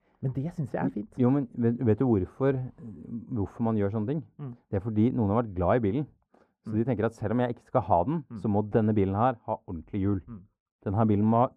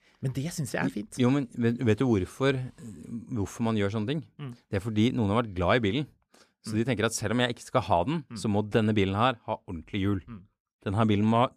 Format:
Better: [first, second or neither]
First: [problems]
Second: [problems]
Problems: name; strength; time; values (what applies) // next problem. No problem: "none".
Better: second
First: muffled; very; fading above 2 kHz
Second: none